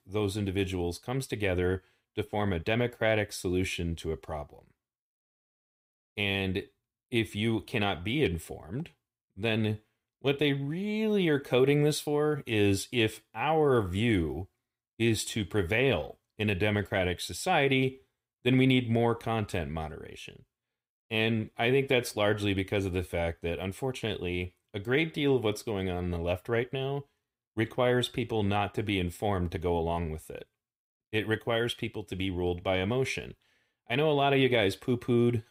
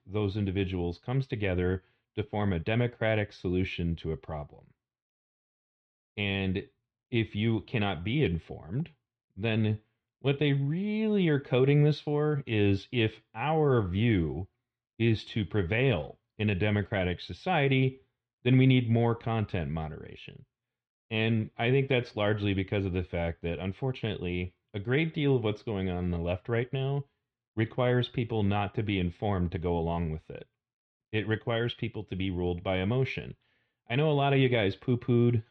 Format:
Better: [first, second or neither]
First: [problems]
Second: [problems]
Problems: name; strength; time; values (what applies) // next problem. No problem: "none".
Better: first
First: none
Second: muffled; slightly; fading above 4 kHz